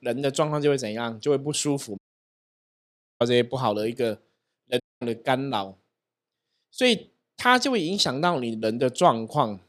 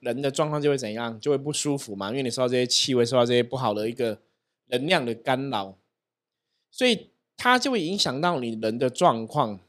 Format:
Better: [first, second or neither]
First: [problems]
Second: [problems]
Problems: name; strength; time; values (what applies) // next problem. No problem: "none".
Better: second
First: audio cutting out; at 2 s for 1 s and at 5 s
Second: none